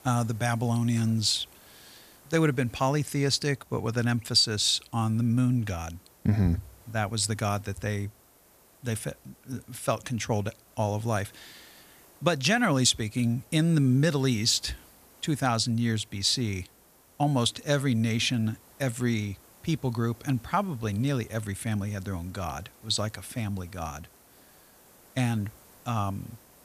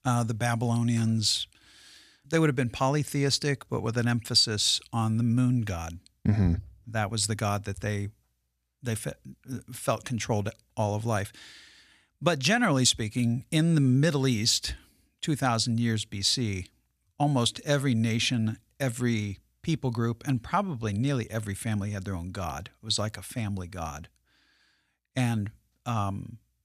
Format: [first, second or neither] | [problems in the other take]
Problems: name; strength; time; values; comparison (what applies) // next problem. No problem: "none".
second | hiss; faint; throughout; 25 dB below the speech